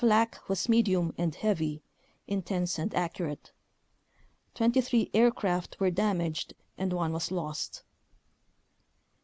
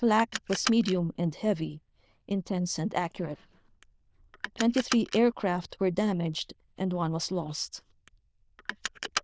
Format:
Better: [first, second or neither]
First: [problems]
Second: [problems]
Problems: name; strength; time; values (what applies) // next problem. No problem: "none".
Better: first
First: none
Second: noise reduction (neural diffusion model UNIVERSE++)